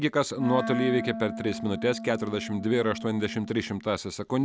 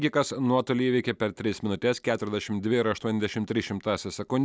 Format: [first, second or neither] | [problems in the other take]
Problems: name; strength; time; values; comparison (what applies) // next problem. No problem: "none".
second | background sound (Wind instrument, woodwind instrument); 9 dB below the speech